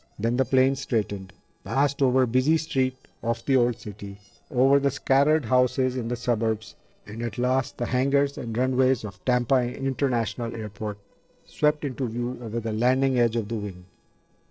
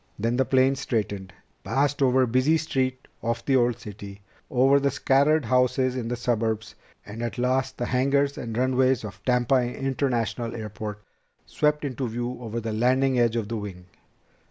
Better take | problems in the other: second | noise reduction (neural separator model SepFormer DNS4)

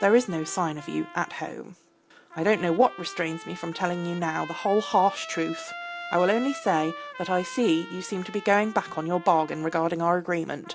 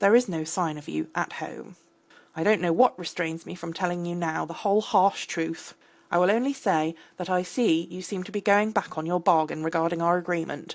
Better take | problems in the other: second | background sound (Trumpet); 15 dB below the speech

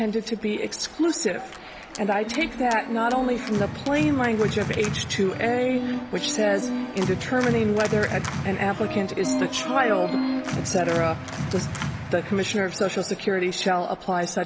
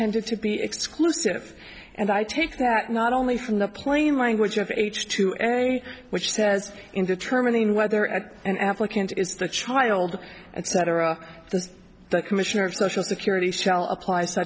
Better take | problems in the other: second | background sound (Organ); 6 dB below the speech

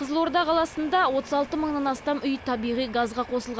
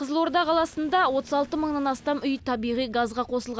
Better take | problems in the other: second | background sound (Train); 19 dB below the speech

